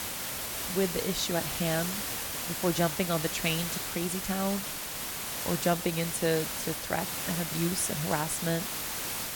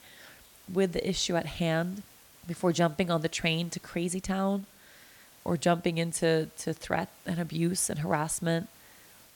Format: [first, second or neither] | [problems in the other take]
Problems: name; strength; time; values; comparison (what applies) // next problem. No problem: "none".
second | hiss; loud; throughout; 1 dB below the speech; faint in the second